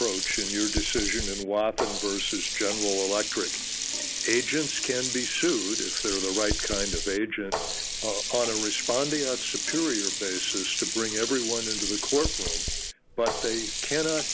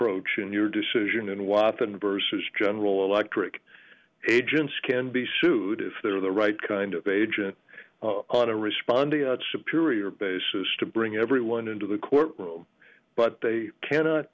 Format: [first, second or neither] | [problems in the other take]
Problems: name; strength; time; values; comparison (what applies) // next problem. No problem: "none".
second | background sound (Sink (filling or washing)); as loud as the speech